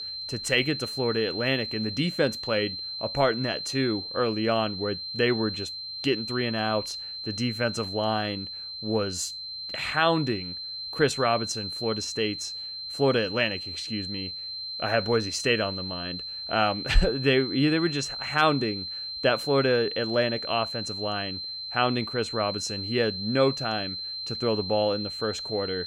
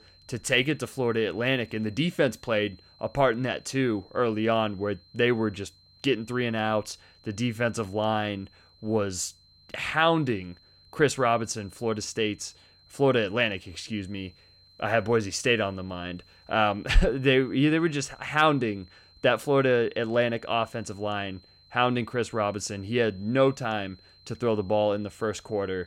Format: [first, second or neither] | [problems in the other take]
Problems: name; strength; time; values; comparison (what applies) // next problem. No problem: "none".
second | high-pitched whine; loud; throughout; 4 kHz, 5 dB below the speech; faint in the second